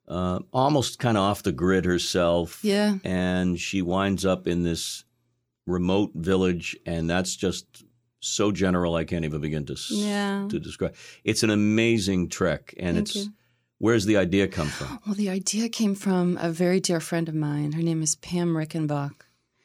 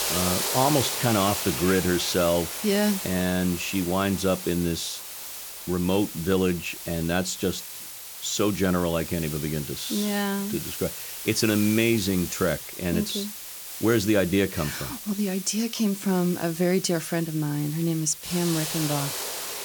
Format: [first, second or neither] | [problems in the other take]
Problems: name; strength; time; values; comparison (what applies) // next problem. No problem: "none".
first | hiss; loud; throughout; 6 dB below the speech